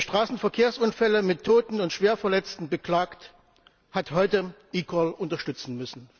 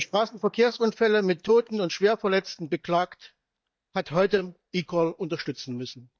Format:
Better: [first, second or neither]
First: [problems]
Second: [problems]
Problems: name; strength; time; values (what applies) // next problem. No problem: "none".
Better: first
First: none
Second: noise reduction (neural mask model DeepFilterNet 3)